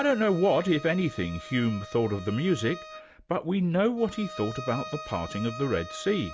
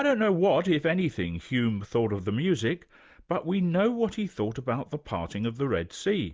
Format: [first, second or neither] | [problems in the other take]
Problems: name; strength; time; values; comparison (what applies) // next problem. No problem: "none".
second | background sound (Bowed string instrument); 15 dB below the speech